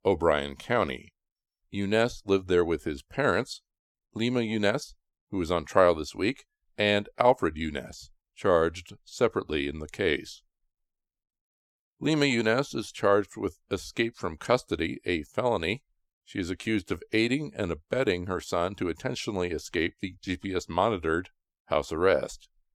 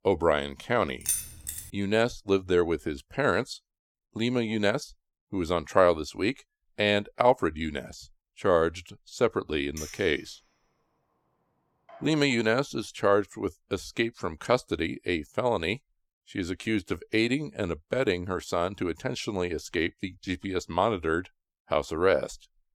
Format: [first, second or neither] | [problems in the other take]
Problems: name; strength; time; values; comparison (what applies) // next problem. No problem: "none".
first | jangling keys; noticeable; at 1 s; peak level with the speech // clattering dishes; faint; from 10 to 12 s; peak 15 dB below the speech